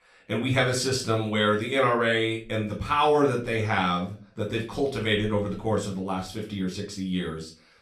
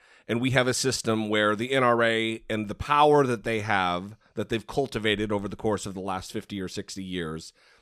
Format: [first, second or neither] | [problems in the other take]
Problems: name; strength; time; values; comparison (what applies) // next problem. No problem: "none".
second | off-mic speech; somewhat distant // room echo; slight; dies away in 0.3 s